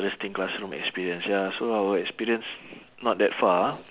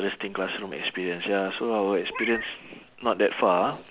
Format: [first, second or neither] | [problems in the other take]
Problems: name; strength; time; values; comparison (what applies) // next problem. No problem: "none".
first | background sound (Meow); 10 dB below the speech